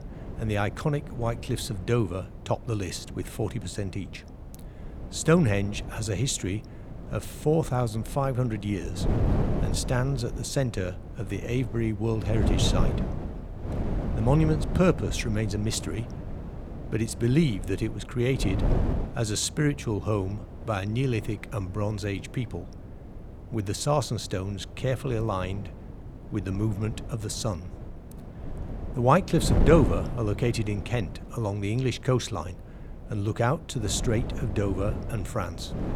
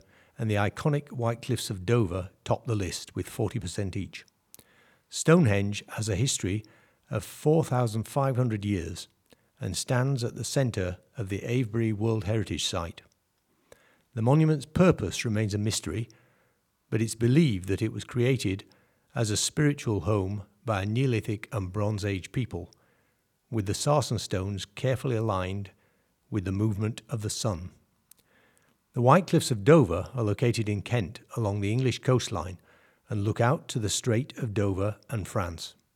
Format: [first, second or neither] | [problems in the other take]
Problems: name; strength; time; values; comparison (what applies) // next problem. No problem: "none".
second | wind noise on the microphone; occasional gusts; 10 dB below the speech